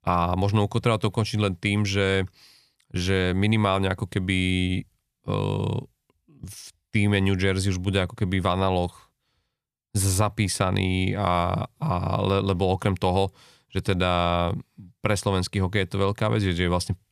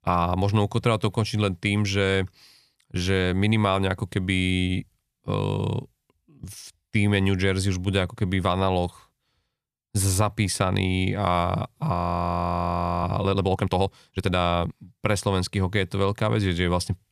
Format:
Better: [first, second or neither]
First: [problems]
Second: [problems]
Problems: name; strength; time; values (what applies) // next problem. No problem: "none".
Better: first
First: none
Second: audio freezing; at 12 s for 1 s